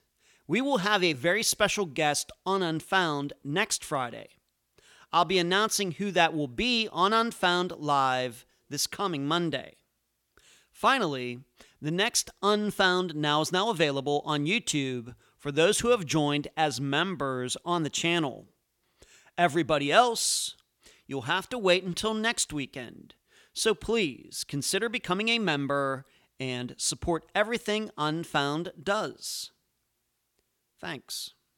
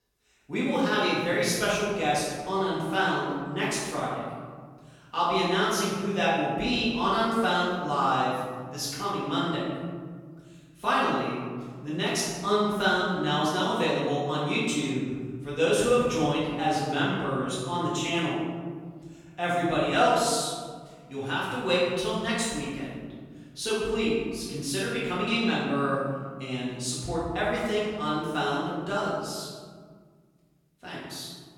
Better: first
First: none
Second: room echo; strong; dies away in 1.9 s // off-mic speech; far

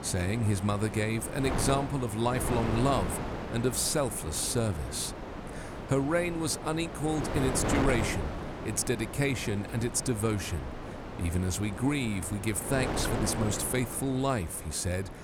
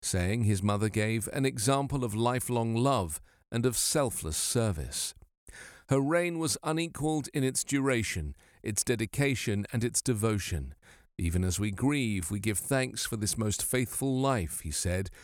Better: second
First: wind noise on the microphone; heavy; 5 dB below the speech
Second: none

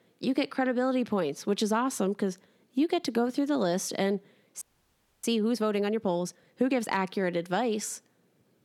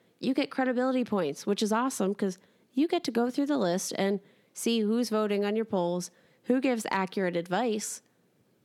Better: second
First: audio freezing; at 4.5 s for 0.5 s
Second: none

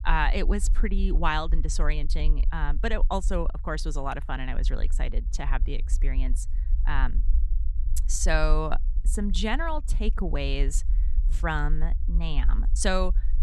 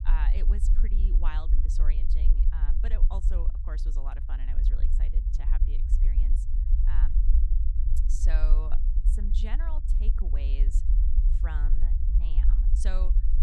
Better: first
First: low rumble; faint; throughout; 20 dB below the speech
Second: low rumble; loud; throughout; 4 dB below the speech

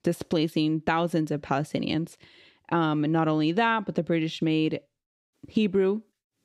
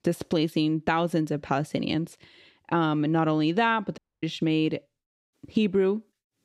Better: first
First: none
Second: audio cutting out; at 4 s

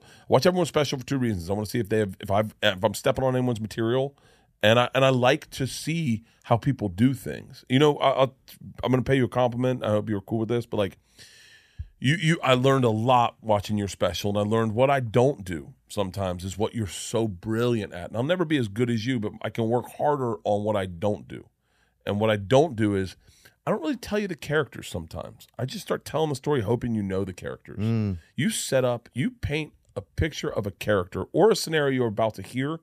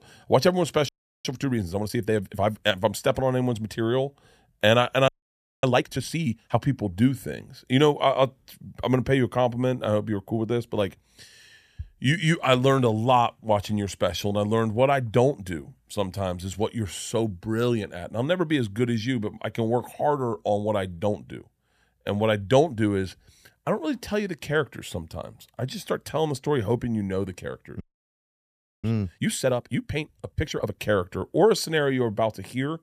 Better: first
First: none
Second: audio freezing; at 1 s, at 5 s for 0.5 s and at 28 s for 1 s

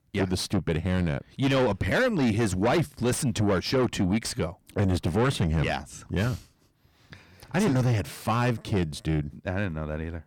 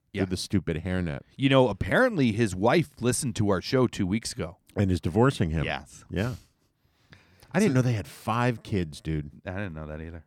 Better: second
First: distortion; heavy; 6 dB below the speech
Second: none

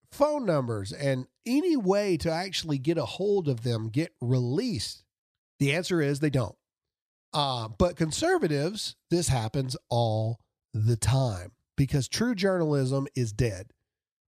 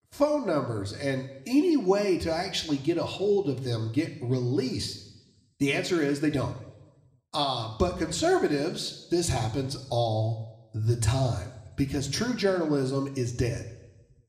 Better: first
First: none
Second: room echo; very slight; dies away in 0.8 s

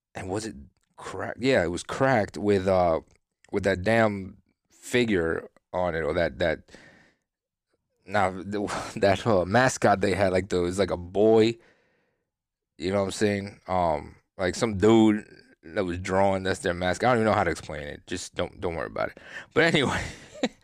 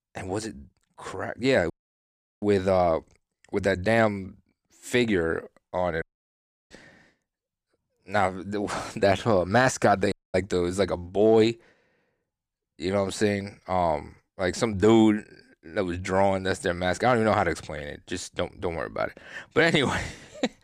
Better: first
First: none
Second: audio cutting out; at 1.5 s for 0.5 s, at 6 s for 0.5 s and at 10 s

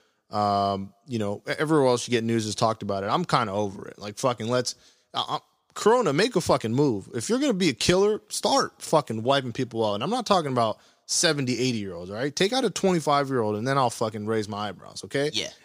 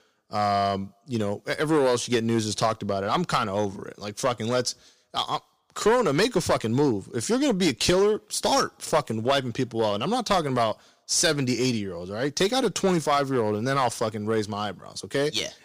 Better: first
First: none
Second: distortion; slight; 4% of the sound clipped

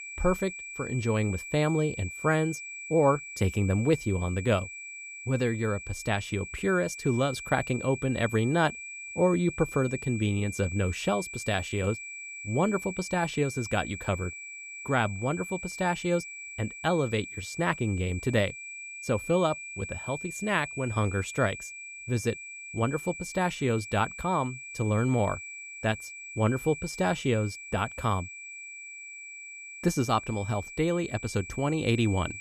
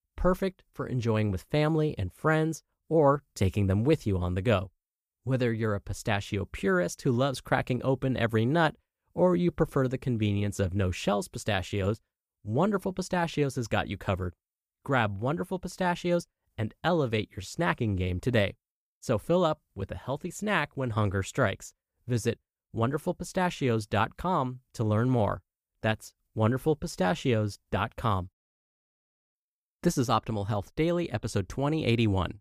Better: second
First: high-pitched whine; noticeable; throughout; 2.5 kHz, 10 dB below the speech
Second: none

